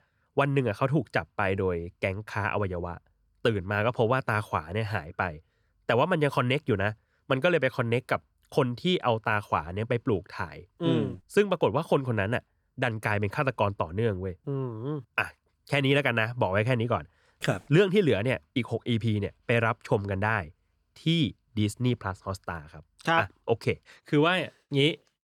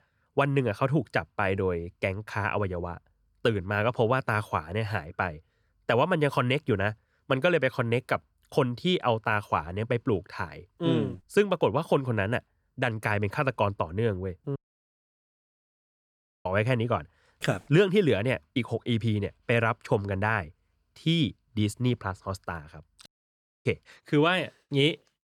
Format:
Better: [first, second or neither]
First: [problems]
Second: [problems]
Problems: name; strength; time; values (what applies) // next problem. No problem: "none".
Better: first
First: none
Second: audio cutting out; at 15 s for 2 s and at 23 s for 0.5 s